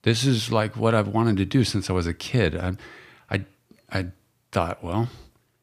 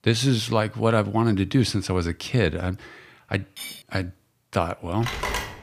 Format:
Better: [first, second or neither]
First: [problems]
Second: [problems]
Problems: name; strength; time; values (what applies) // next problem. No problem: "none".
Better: first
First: none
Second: clattering dishes; faint; at 3.5 s; peak 10 dB below the speech // phone ringing; noticeable; at 5 s; peak 3 dB below the speech